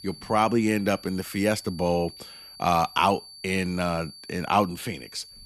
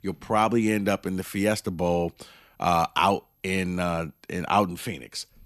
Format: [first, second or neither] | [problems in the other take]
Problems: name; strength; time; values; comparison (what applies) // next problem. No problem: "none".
second | high-pitched whine; noticeable; throughout; 4.5 kHz, 20 dB below the speech